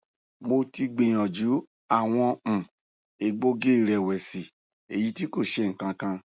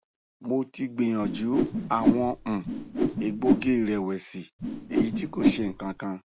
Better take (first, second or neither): first